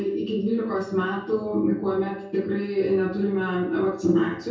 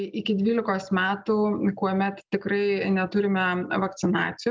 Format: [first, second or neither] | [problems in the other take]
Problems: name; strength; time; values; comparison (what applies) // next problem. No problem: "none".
second | room echo; dies away in 0.6 s